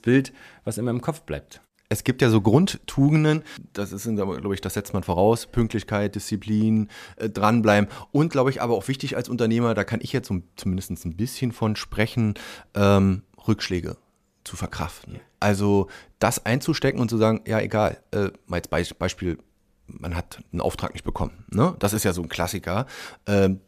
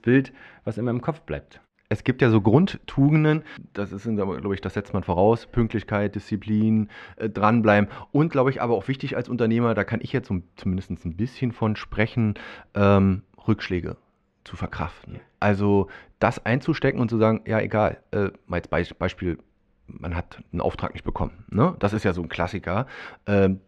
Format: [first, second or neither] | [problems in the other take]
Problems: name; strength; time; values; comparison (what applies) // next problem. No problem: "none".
first | muffled; slightly; fading above 2.5 kHz